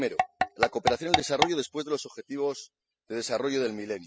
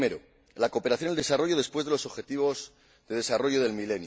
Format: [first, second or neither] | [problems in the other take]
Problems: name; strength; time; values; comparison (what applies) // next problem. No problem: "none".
second | noise reduction (classical method spectral subtraction)